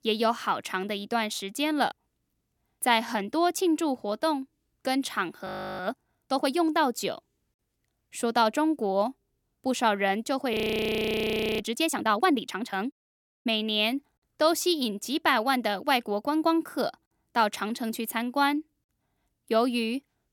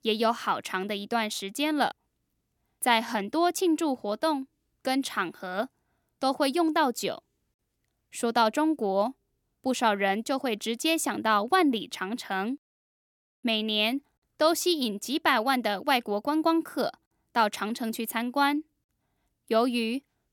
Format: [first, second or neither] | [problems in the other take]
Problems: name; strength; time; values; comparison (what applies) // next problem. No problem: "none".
second | audio freezing; at 5.5 s and at 11 s for 1 s